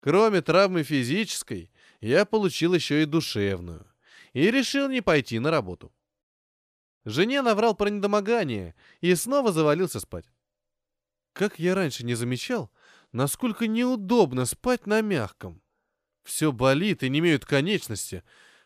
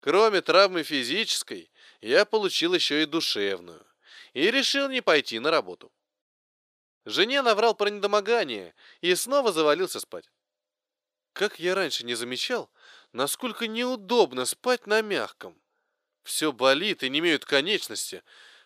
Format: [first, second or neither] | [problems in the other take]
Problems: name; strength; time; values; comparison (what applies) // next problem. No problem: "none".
first | thin; somewhat; fading below 400 Hz